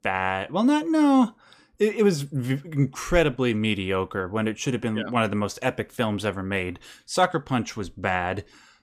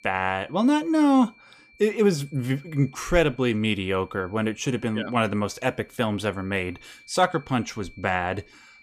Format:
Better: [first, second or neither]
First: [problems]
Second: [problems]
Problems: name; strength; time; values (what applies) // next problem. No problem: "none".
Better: first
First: none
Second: high-pitched whine; faint; throughout; 2.5 kHz, 25 dB below the speech